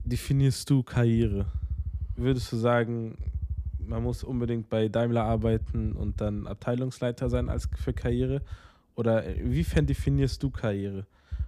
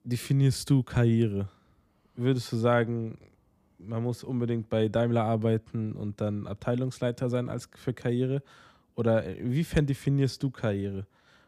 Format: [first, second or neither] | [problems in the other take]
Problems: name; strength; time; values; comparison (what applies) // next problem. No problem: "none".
second | low rumble; faint; throughout; 20 dB below the speech